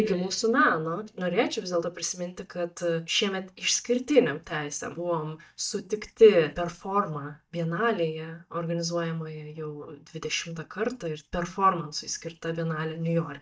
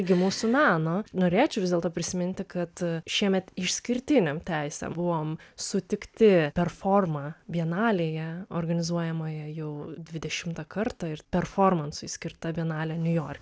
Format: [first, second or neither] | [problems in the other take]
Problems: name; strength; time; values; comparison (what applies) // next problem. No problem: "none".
second | noise reduction (neural mask model DeepFilterNet 3)